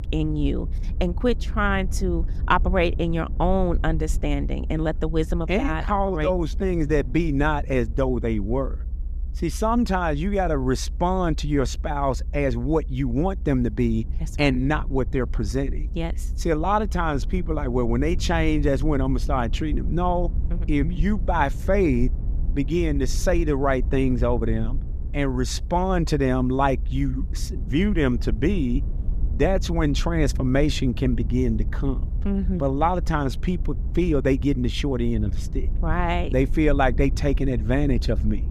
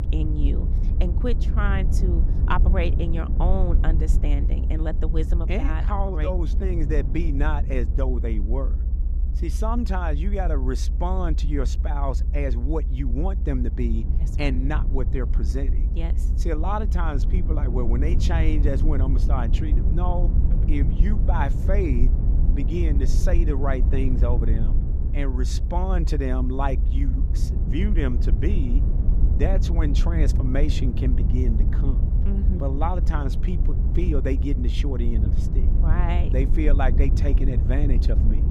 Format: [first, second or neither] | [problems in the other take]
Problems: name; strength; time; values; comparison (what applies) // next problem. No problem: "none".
first | low rumble; loud; throughout; 8 dB below the speech; faint in the first